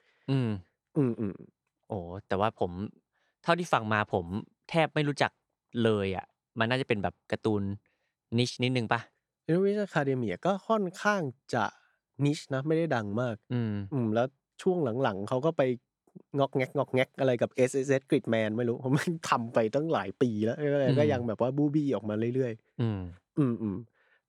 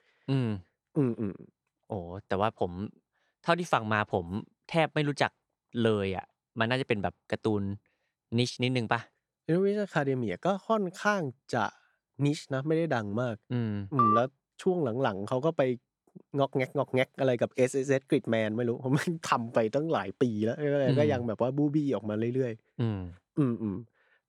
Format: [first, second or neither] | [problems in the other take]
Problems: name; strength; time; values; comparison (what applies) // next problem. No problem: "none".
first | phone ringing; loud; at 14 s; peak 4 dB above the speech